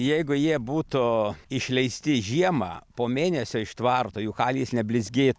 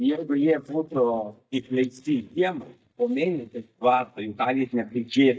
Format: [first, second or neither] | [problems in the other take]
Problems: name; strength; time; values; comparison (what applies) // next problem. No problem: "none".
first | noise reduction (neural mask model DeepFilterNet 3)